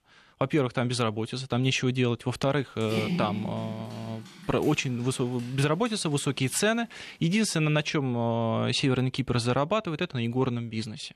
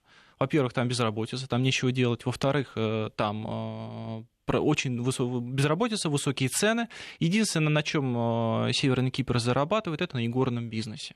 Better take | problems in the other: second | dog barking; noticeable; from 3 to 4.5 s; peak 2 dB below the speech

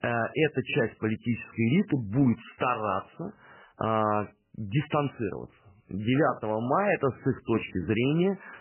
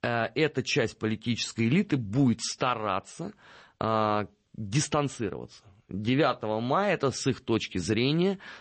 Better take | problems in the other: second | garbled, watery; badly; nothing above 3 kHz; slightly in the second

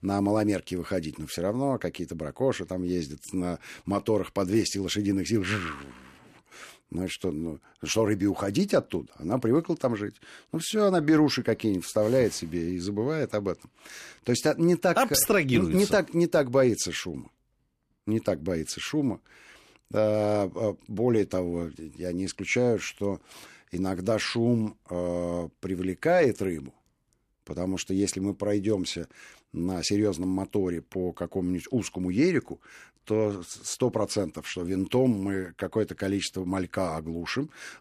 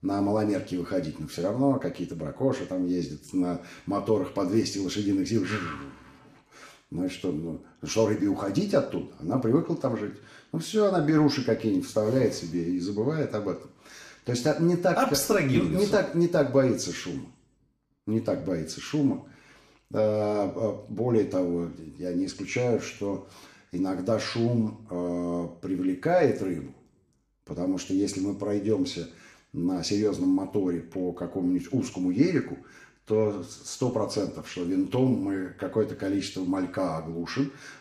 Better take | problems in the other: first | room echo; slight; dies away in 0.5 s // off-mic speech; somewhat distant

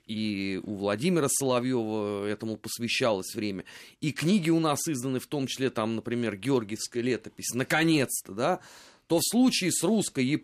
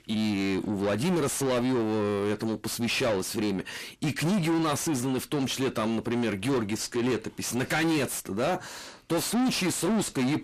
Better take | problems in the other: first | distortion; heavy; 6 dB below the speech

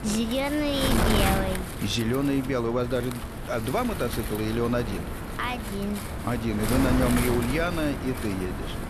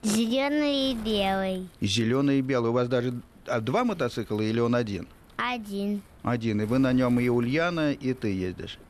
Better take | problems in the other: second | wind noise on the microphone; heavy; 3 dB below the speech; occasional gusts in the second

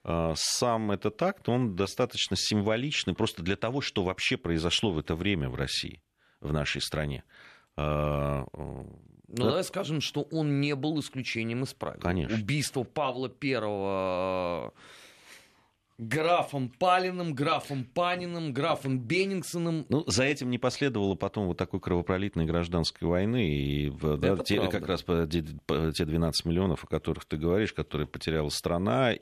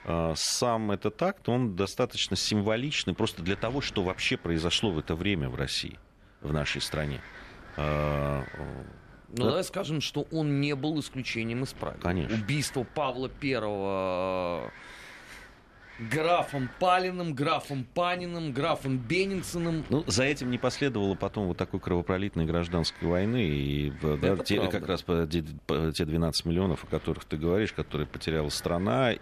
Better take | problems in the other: first | wind noise on the microphone; occasional gusts; 15 dB below the speech

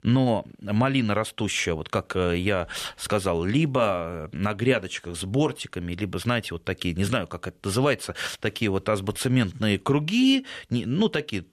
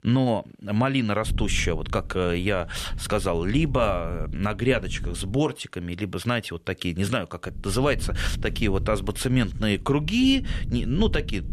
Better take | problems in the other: first | low rumble; faint; from 1.5 to 5.5 s and from 7.5 s on; 20 dB below the speech

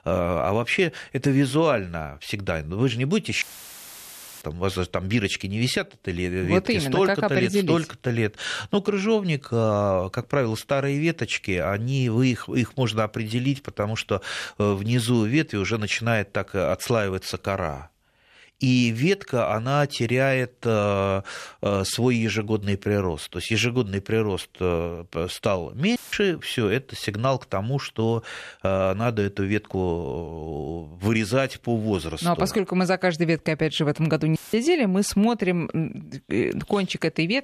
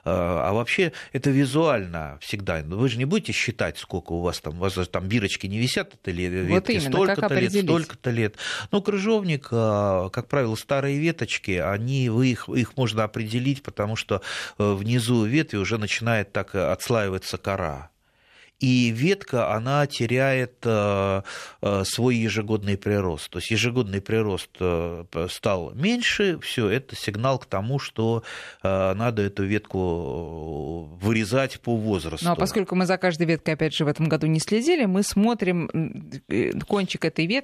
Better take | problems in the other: second | audio cutting out; filled with static; at 3.5 s for 1 s, at 26 s and at 34 s

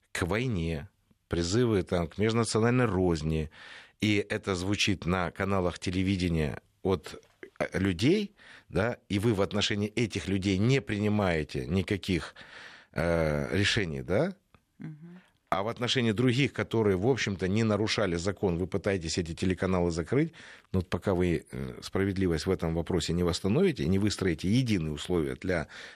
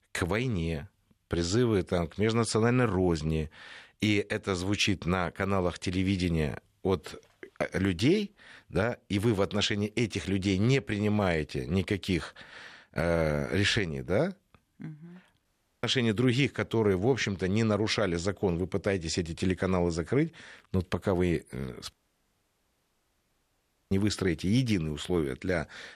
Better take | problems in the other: first | audio cutting out; at 15 s and at 22 s for 2 s

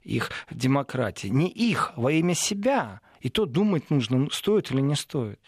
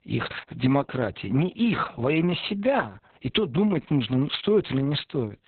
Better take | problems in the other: first | garbled, watery; badly; nothing above 4 kHz

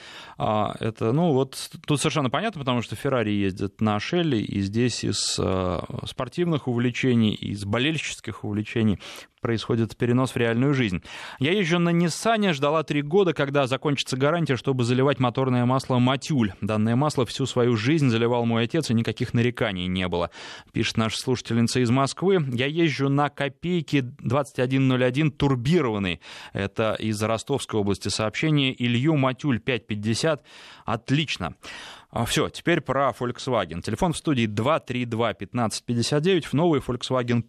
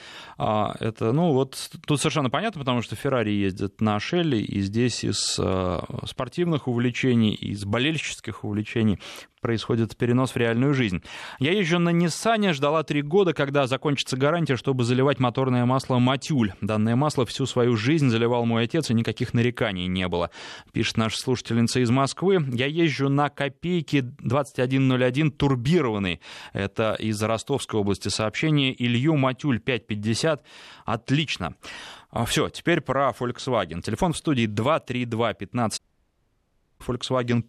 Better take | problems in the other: first | audio cutting out; at 36 s for 1 s

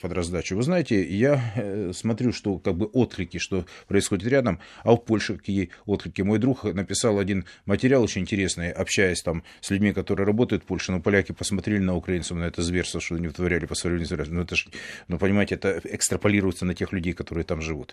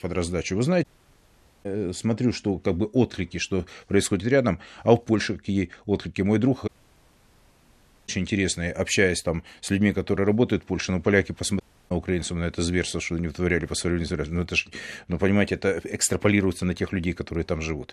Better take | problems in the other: first | audio cutting out; at 1 s for 1 s, at 6.5 s for 1.5 s and at 12 s

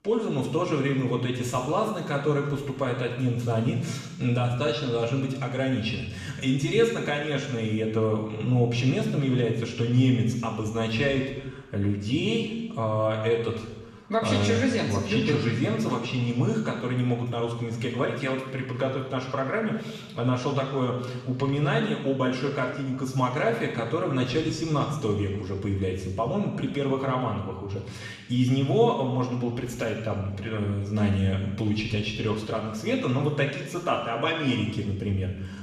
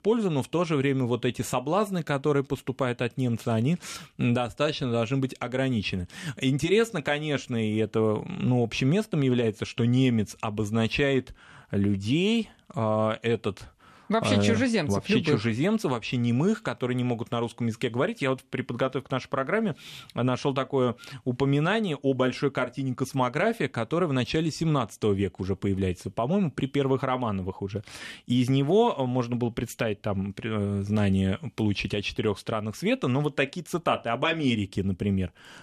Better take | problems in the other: second | room echo; noticeable; dies away in 1.1 s // off-mic speech; far

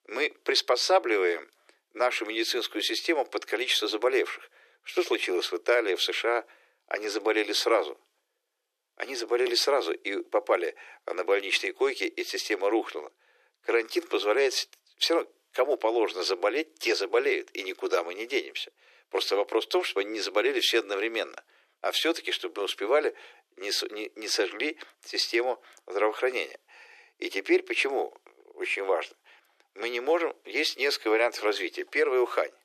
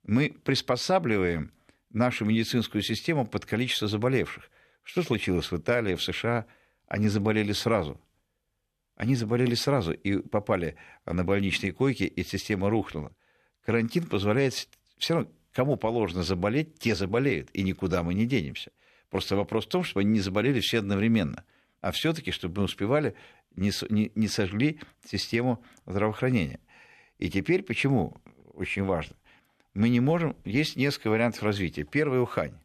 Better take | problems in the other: second | thin; very; fading below 350 Hz

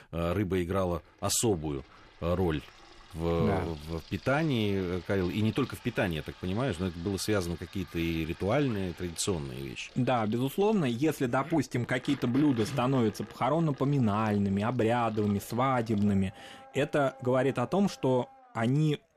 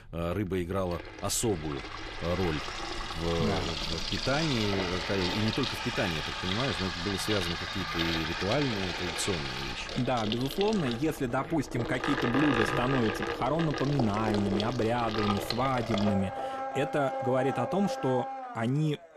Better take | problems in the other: first | household noises; loud; throughout; 2 dB below the speech; faint in the first

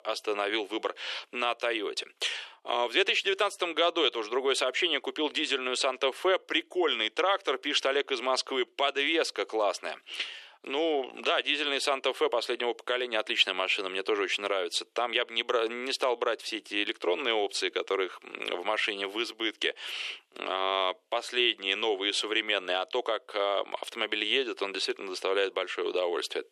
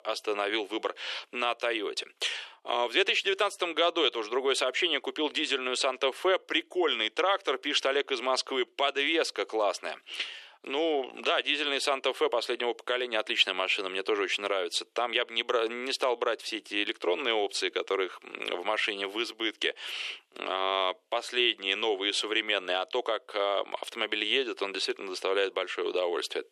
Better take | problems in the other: neither | thin; very; fading below 350 Hz; the same in both

